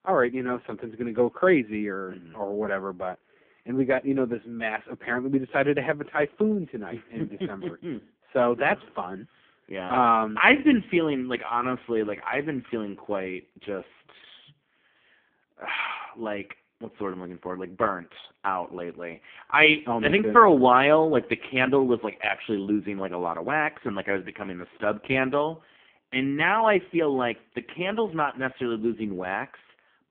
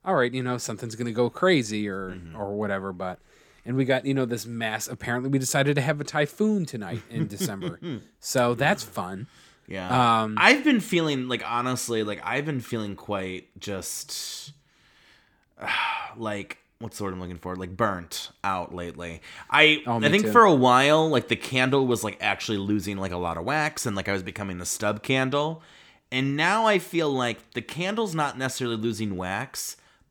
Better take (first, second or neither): second